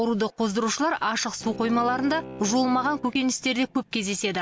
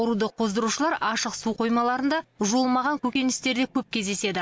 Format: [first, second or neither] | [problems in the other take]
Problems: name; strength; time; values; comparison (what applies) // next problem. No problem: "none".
second | background sound (Bowed string instrument); 16 dB below the speech